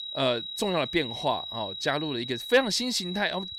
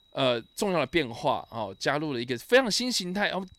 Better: second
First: high-pitched whine; loud; throughout; 4 kHz, 7 dB below the speech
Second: high-pitched whine; faint; throughout; 4 kHz, 35 dB below the speech

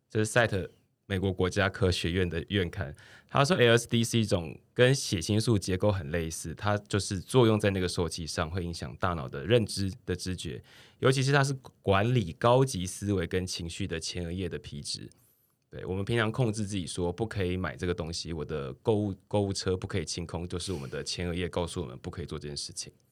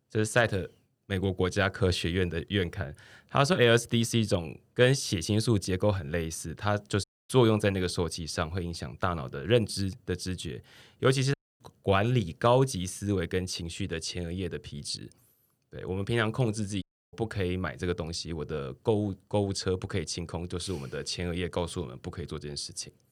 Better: first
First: none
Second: audio cutting out; at 7 s, at 11 s and at 17 s

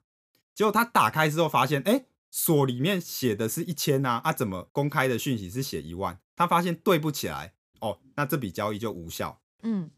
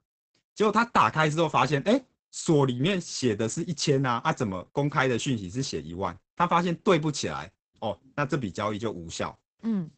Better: first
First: none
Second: garbled, watery; badly; nothing above 8 kHz

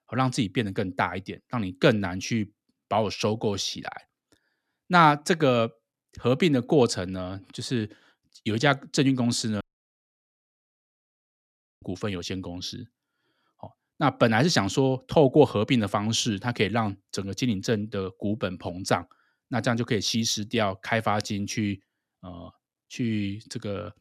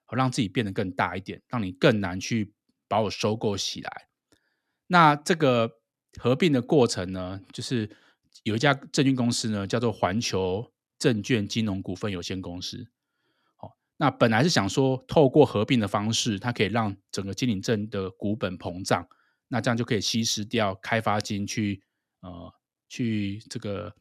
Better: second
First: audio cutting out; at 9.5 s for 2 s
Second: none

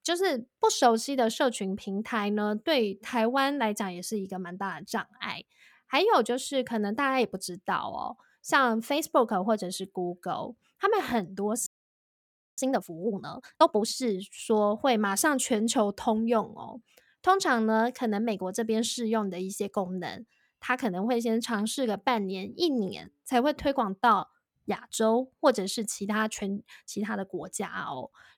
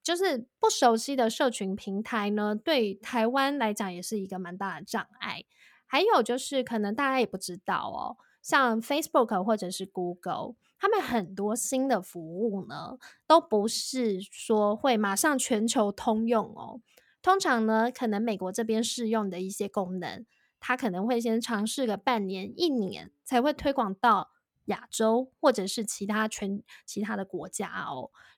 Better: second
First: audio freezing; at 12 s for 1 s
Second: none

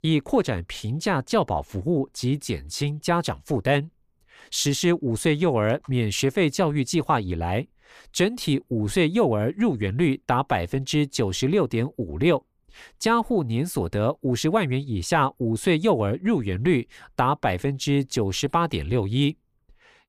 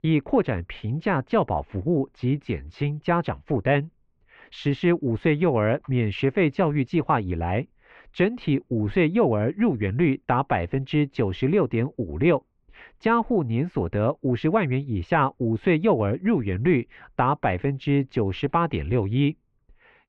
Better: first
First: none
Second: muffled; very; fading above 2.5 kHz

